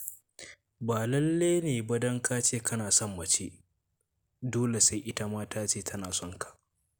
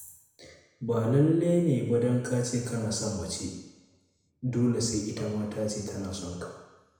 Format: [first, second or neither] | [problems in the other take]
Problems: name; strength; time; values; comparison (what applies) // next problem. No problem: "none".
first | room echo; dies away in 1 s